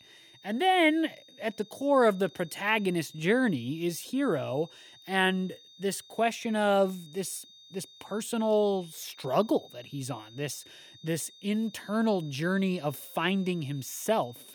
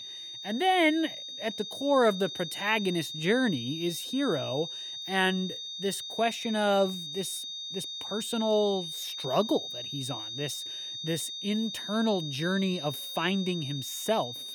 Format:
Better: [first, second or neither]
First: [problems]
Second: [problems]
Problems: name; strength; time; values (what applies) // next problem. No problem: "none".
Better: first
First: high-pitched whine; faint; throughout; 3.5 kHz, 25 dB below the speech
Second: high-pitched whine; loud; throughout; 3.5 kHz, 6 dB below the speech